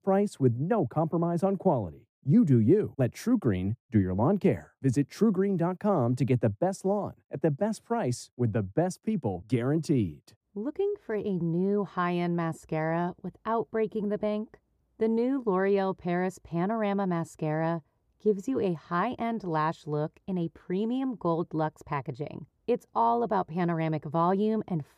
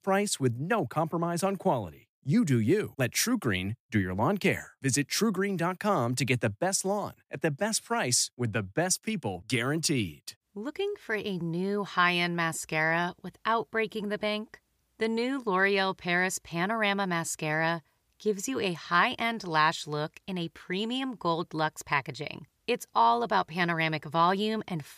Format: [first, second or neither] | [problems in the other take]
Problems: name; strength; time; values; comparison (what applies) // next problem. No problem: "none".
second | muffled; slightly; fading above 1 kHz